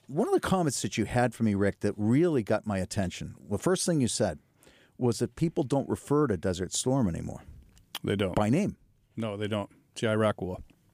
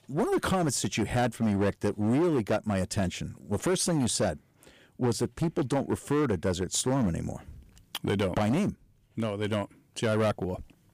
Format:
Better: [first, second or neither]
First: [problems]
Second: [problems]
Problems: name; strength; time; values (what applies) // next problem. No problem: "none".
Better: first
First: none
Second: distortion; slight; 10% of the sound clipped